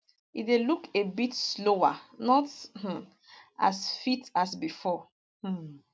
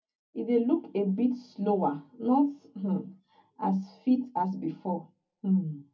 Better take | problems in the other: first | room echo; dies away in 0.3 s

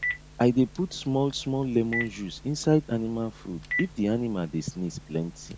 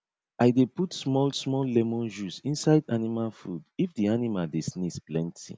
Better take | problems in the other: second | background sound (Telephone); 11 dB below the speech

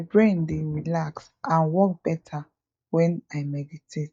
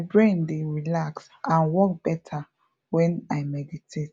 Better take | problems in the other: second | noise reduction (neural mask model DeepFilterNet 3)

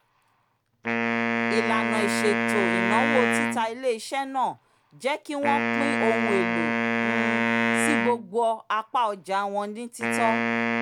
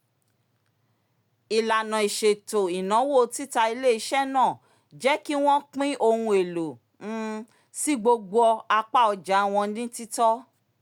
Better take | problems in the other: second | background sound (Wind instrument, woodwind instrument); 2 dB above the speech

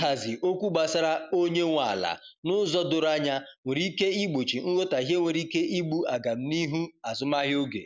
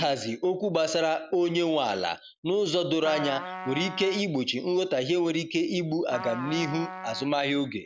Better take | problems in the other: first | background sound (Trumpet); 11 dB below the speech

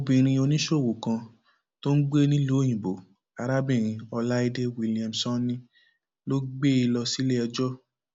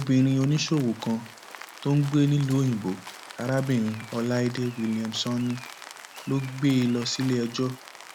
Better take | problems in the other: first | background sound (Rain); 18 dB below the speech

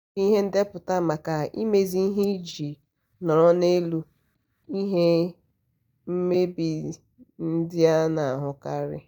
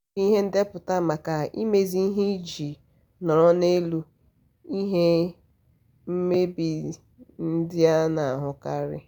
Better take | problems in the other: second | noise reduction (neural mask model DeepFilterNet 3)

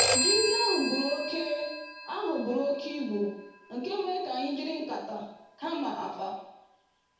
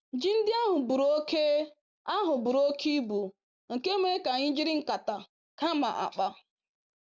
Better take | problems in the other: second | background sound (Telephone); 2 dB below the speech // room echo; dies away in 0.8 s

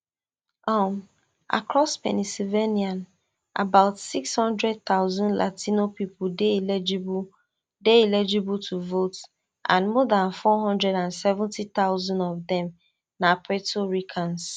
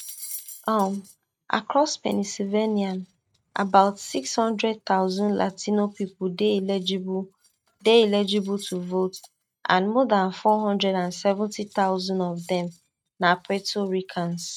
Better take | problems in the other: first | noise reduction (neural mask model RNNoise)

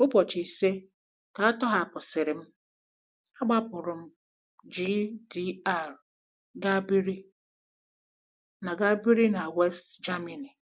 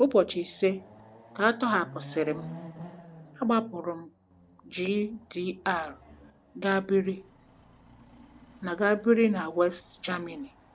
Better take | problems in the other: first | background sound (Chatter / Car passing by / Motorcycle / Traffic noise, roadway noise / Accelerating, revving, vroom); 20 dB below the speech

